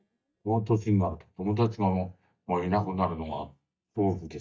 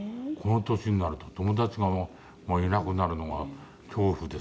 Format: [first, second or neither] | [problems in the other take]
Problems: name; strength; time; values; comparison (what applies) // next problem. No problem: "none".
second | noise reduction (neural mask model DeepFilterNet 3)